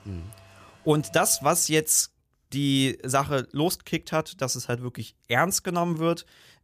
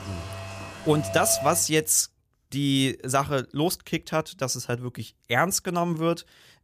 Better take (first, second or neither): first